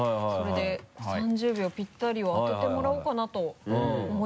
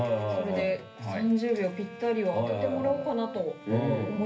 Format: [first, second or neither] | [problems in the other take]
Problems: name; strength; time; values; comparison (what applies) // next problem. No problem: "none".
first | background sound (Bowed string instrument); 16 dB below the speech // room echo; dies away in 0.3 s